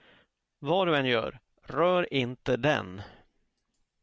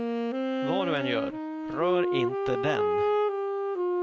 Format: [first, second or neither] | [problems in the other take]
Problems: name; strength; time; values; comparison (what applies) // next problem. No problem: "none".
first | background sound (Wind instrument, woodwind instrument); 5 dB above the speech